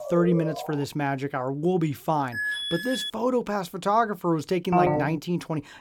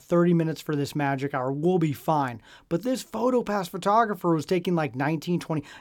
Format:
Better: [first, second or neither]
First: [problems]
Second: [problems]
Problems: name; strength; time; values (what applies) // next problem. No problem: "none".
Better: second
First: siren; noticeable; at the start; peak 4 dB below the speech // alarm; noticeable; at 2.5 s; peak level with the speech // phone ringing; loud; at 4.5 s; peak 4 dB above the speech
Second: none